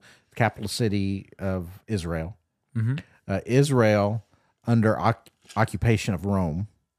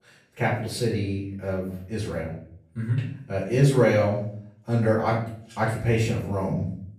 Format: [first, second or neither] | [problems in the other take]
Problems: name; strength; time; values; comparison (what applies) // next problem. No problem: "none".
first | off-mic speech; far // room echo; noticeable; dies away in 0.5 s